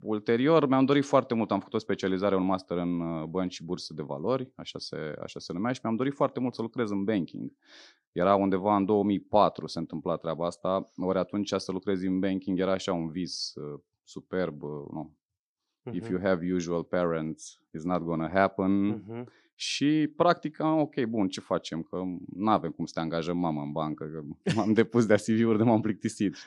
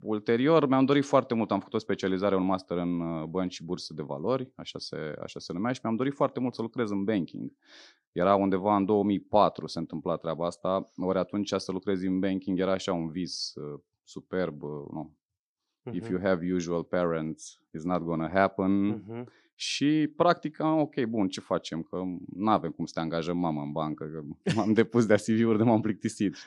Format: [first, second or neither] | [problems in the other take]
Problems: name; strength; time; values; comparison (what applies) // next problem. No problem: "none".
neither | none